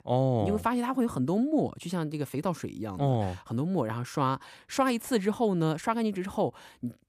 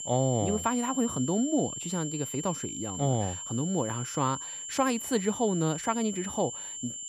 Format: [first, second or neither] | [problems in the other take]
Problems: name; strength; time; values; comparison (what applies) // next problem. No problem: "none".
first | high-pitched whine; loud; throughout; 7.5 kHz, 6 dB below the speech